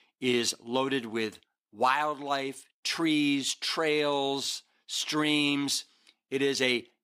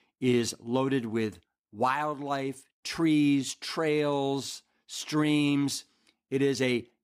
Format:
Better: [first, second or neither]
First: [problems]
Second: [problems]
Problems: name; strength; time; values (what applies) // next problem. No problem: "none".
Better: second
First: thin; very slightly; fading below 950 Hz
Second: none